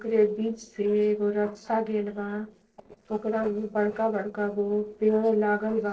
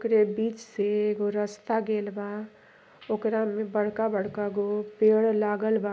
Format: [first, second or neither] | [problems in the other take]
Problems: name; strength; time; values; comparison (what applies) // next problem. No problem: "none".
second | noise reduction (neural separator model SepFormer DNS4)